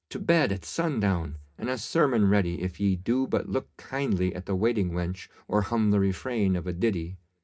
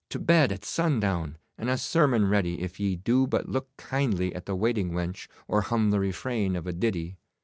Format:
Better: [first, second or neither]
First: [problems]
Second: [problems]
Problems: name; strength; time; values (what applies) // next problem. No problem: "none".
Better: second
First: room echo; dies away in 0.3 s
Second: none